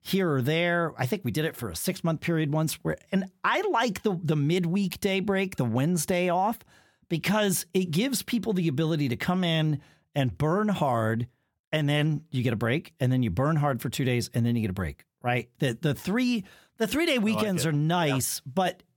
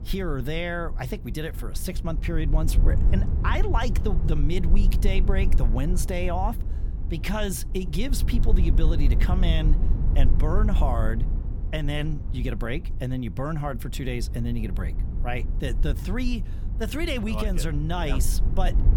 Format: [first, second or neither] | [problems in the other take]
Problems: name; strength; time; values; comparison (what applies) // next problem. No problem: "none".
first | low rumble; noticeable; throughout; 10 dB below the speech